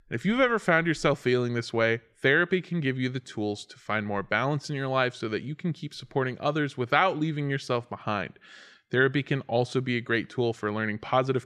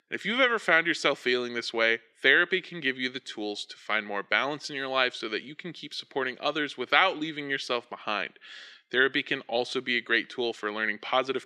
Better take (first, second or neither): first